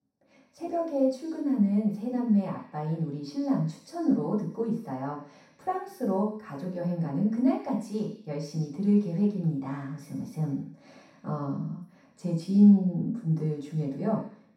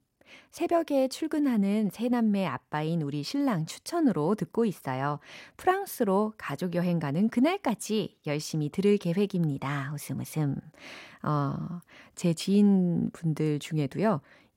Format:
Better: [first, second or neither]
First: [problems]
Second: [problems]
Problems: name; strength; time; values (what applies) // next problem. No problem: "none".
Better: second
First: room echo; noticeable; dies away in 0.7 s // off-mic speech; far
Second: none